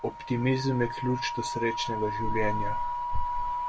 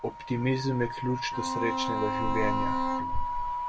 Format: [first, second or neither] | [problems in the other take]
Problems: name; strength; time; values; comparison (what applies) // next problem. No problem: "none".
first | background sound (Bowed string instrument); 4 dB below the speech